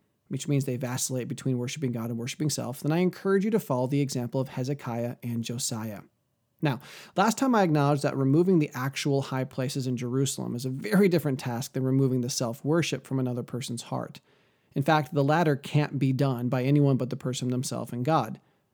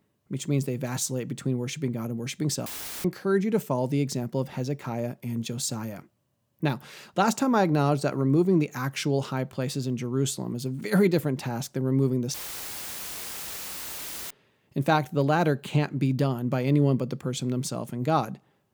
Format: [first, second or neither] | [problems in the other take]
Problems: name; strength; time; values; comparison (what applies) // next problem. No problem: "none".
first | audio cutting out; filled with static; at 2.5 s and at 12 s for 2 s